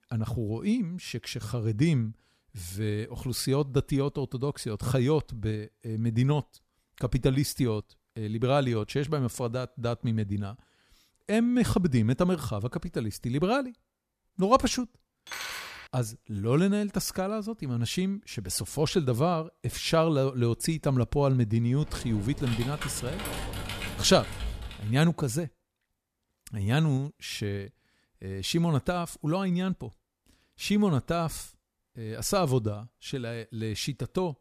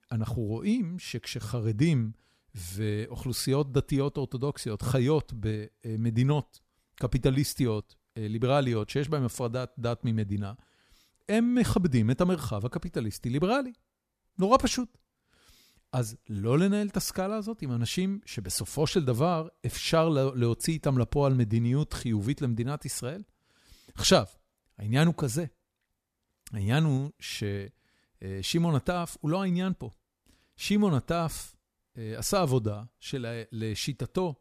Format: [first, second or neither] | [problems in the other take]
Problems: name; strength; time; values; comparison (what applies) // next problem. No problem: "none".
second | clattering dishes; noticeable; at 15 s; peak 7 dB below the speech // keyboard typing; noticeable; from 22 to 25 s; peak 6 dB below the speech